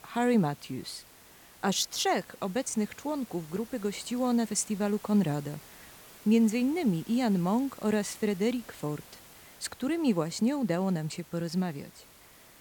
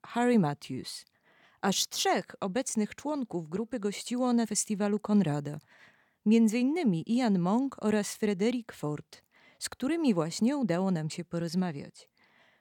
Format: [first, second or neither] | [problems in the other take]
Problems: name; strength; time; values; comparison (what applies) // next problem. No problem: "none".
second | hiss; faint; throughout; 20 dB below the speech